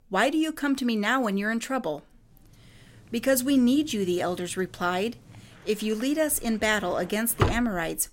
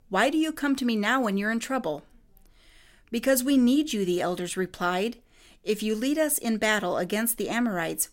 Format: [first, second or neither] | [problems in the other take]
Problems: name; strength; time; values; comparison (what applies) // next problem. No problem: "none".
second | household noises; loud; from 2.5 s on; 8 dB below the speech